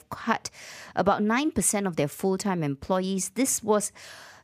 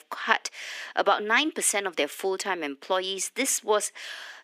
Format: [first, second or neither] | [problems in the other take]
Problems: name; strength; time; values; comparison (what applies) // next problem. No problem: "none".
first | thin; somewhat; fading below 300 Hz